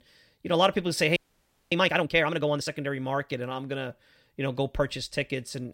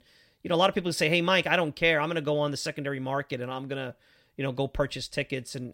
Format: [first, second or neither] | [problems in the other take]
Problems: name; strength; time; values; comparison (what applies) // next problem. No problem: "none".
second | audio freezing; at 1 s for 0.5 s